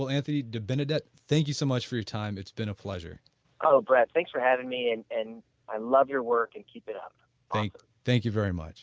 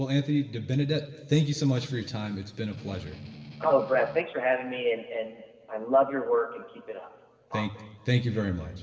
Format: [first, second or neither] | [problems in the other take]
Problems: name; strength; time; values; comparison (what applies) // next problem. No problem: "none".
first | background sound (Strum); 15 dB below the speech // room echo; dies away in 2.5 s